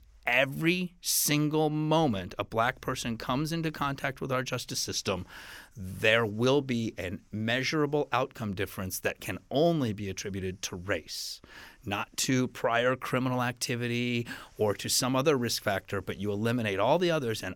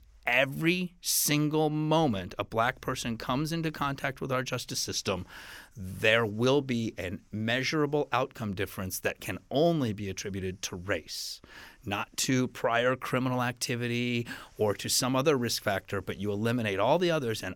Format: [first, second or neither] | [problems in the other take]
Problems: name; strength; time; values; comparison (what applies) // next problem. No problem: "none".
neither | none